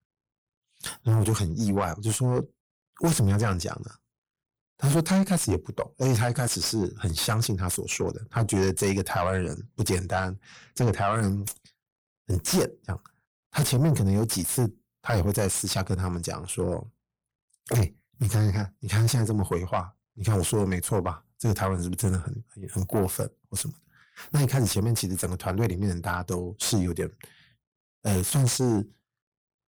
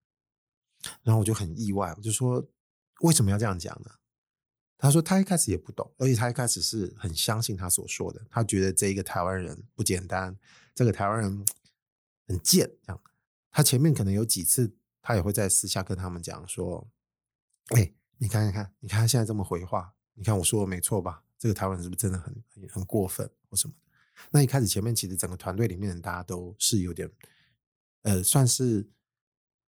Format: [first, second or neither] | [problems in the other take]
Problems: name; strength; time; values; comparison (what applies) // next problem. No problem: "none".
second | distortion; heavy; 6 dB below the speech